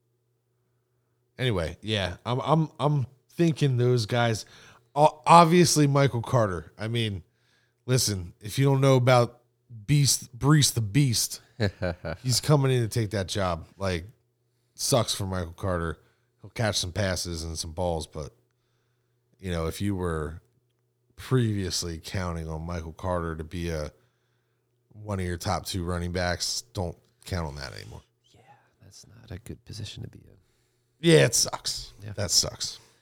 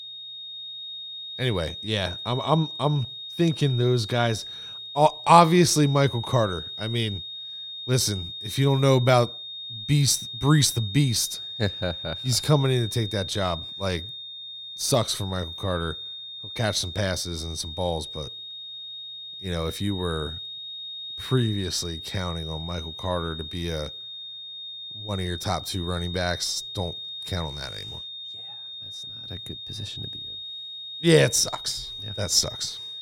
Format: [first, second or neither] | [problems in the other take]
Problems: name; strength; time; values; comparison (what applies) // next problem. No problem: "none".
first | high-pitched whine; loud; throughout; 3.5 kHz, 9 dB below the speech